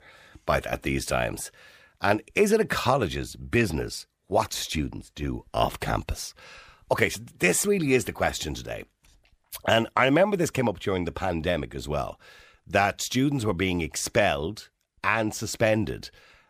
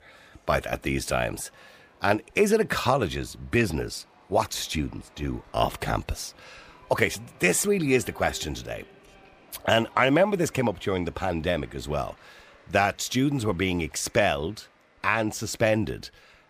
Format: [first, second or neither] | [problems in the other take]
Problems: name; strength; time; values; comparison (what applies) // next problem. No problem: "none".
first | crowd noise; faint; throughout; 30 dB below the speech